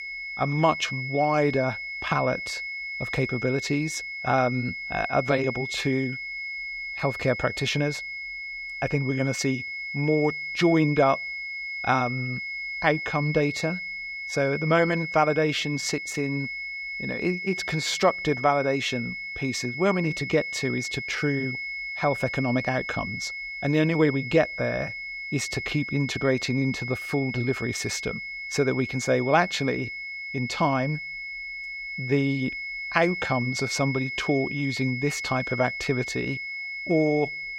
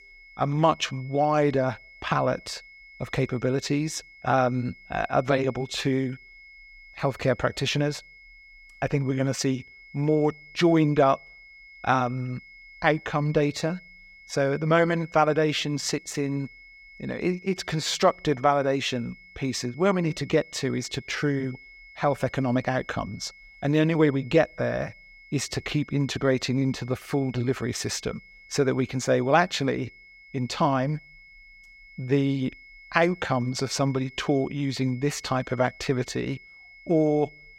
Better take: second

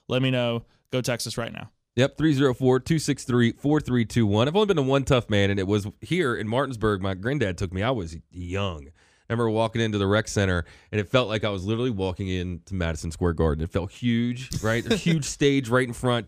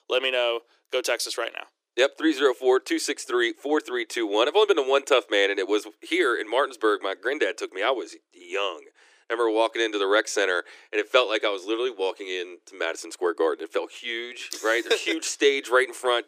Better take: first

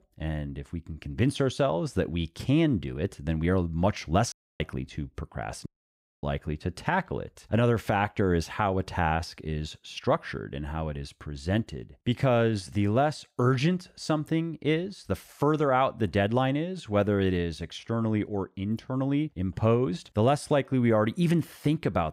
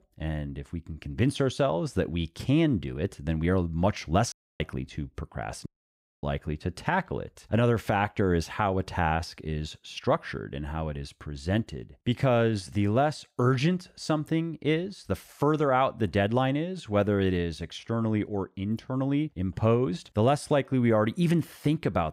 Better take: neither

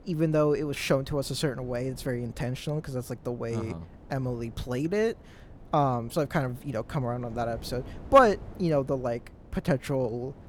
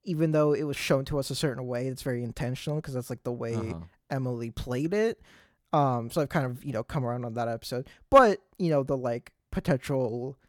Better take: second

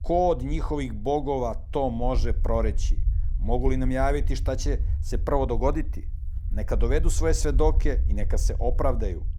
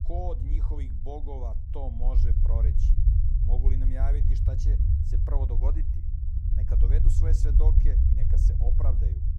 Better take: first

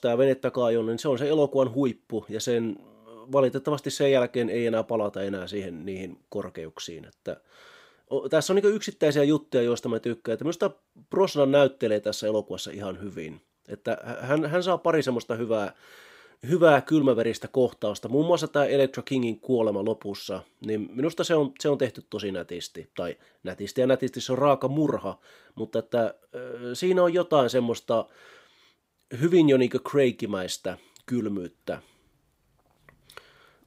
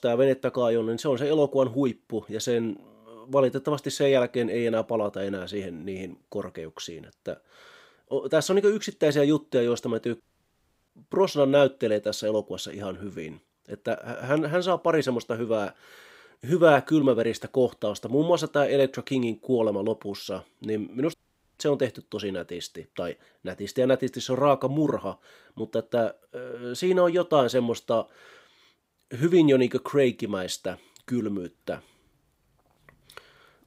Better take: first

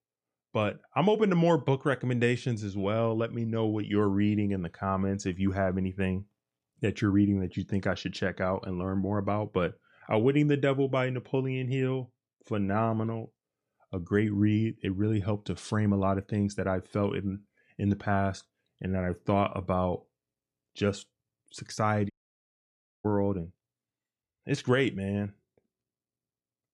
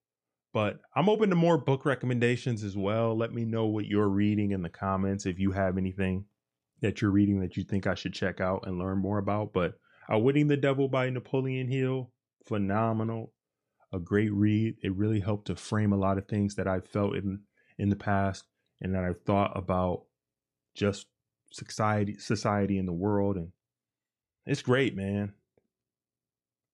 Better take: second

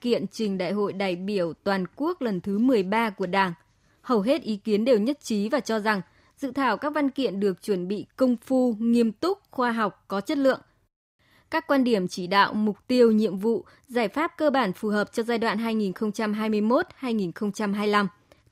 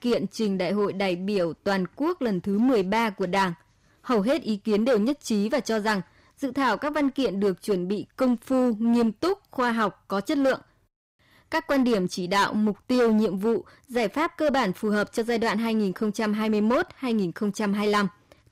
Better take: first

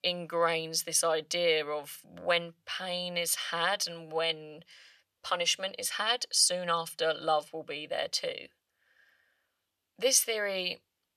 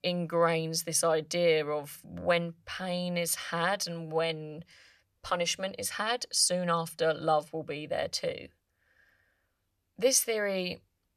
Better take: second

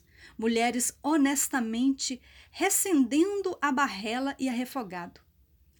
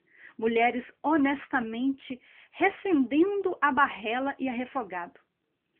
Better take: first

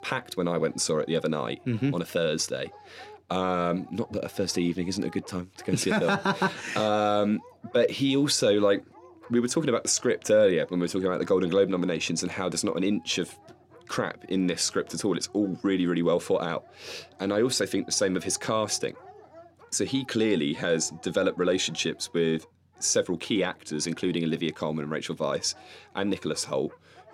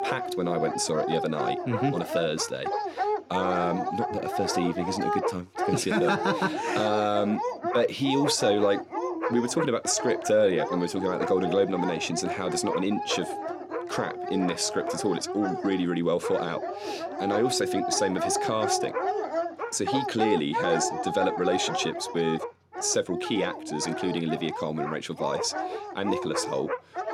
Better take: first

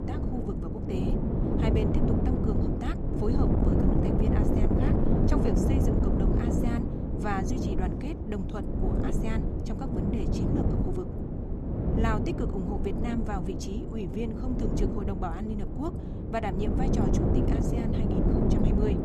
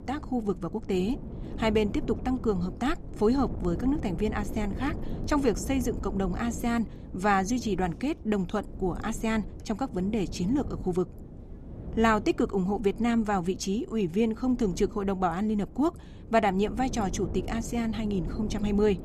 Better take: second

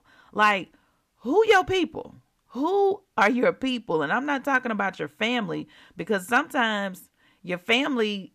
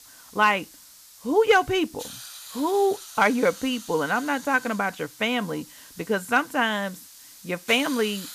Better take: first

